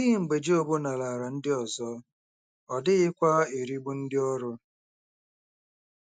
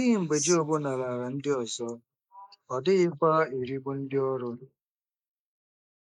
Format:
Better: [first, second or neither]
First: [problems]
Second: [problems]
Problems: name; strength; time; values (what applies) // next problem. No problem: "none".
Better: first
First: none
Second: noise reduction (neural mask model Resemble Enhance denoiser)